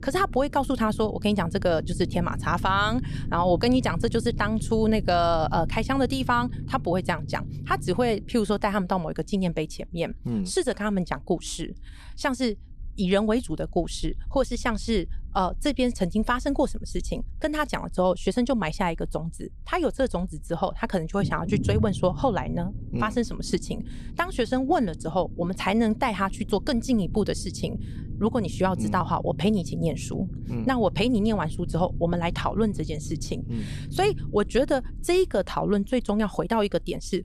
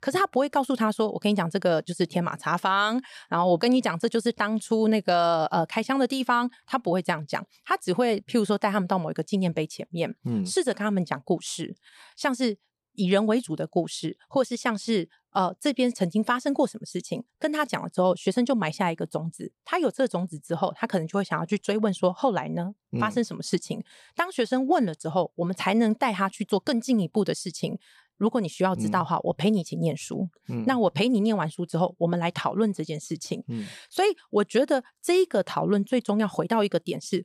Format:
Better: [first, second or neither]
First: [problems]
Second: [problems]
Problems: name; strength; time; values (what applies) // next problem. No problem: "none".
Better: second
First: low rumble; noticeable; throughout; 20 dB below the speech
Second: none